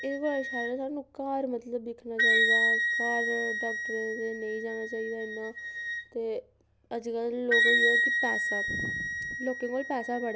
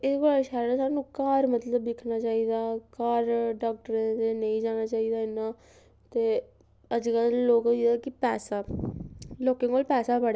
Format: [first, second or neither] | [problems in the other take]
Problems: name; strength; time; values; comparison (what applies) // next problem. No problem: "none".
second | background sound (Wind instrument, woodwind instrument); 3 dB above the speech